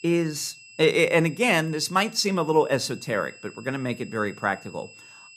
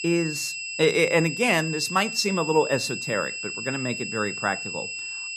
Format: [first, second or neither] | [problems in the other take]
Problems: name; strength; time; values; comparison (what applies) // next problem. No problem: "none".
first | high-pitched whine; loud; throughout; 2.5 kHz, 6 dB below the speech; faint in the first